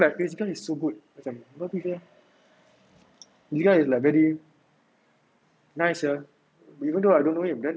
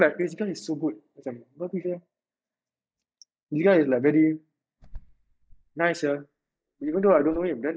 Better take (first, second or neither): first